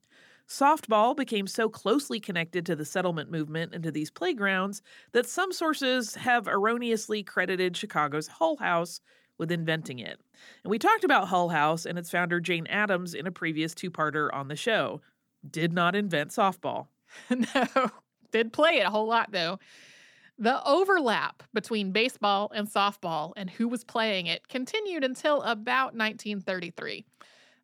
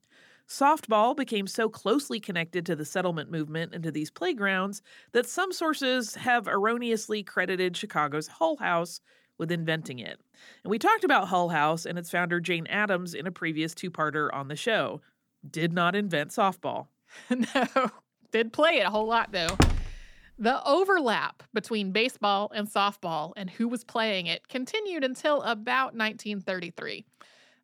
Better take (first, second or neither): first